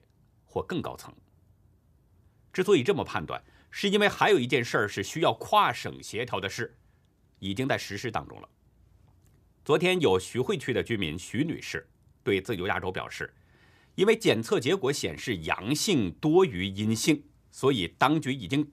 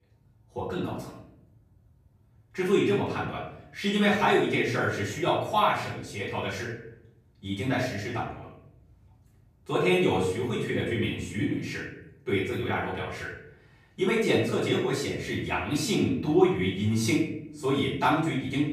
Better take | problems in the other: first | room echo; noticeable; dies away in 0.7 s // off-mic speech; far

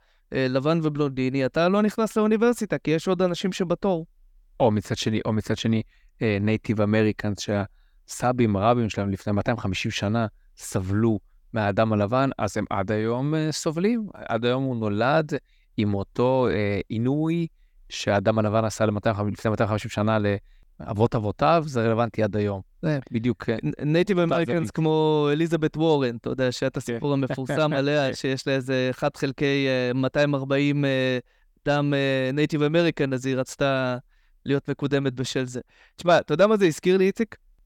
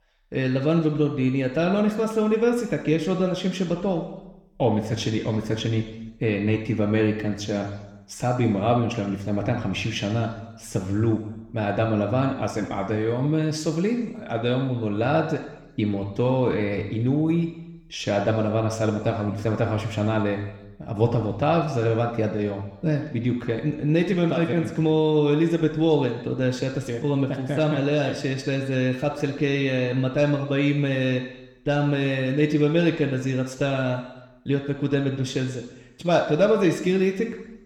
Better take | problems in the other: first | room echo; slight; dies away in 1 s

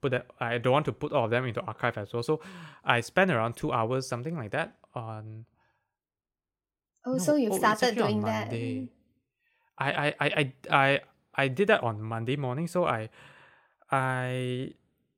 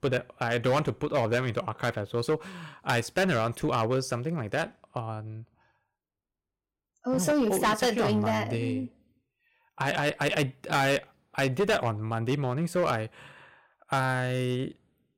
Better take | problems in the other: first | distortion; heavy; 6% of the sound clipped

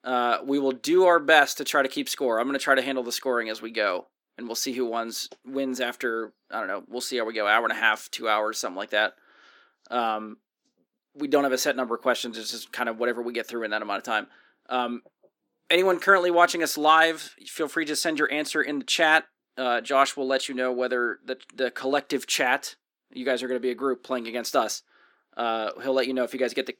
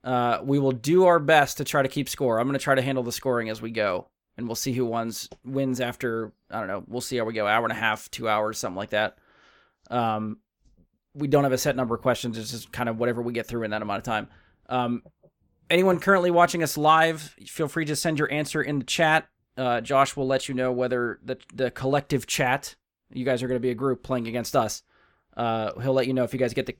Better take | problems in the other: second | thin; very slightly; fading below 300 Hz

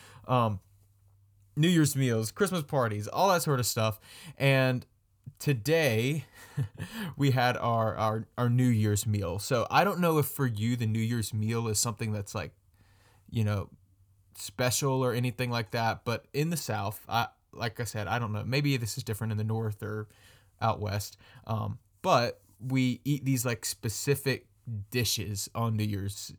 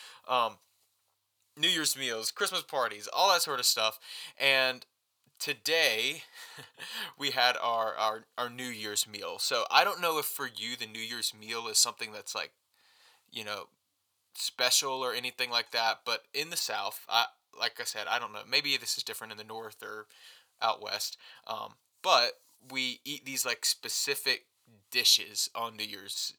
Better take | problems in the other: first | thin; very; fading below 650 Hz

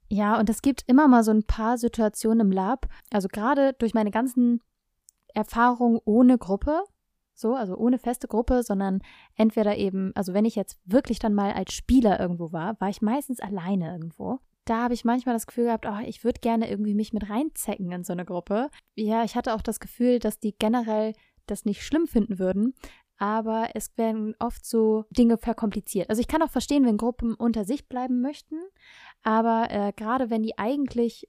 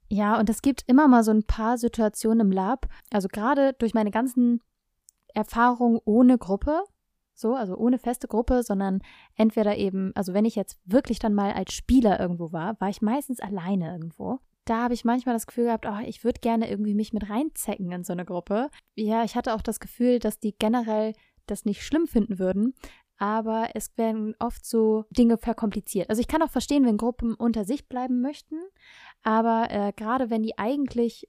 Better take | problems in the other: neither | none

